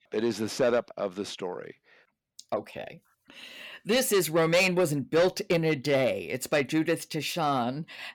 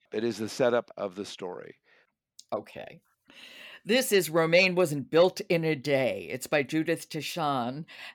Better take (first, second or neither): second